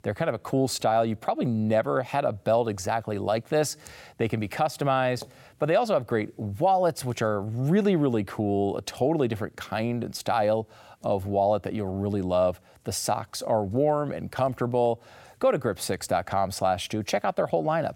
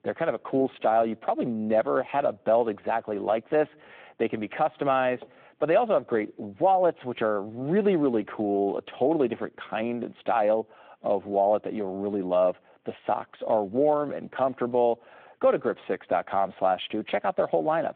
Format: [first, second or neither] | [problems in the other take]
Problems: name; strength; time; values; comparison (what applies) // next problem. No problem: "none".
first | phone-call audio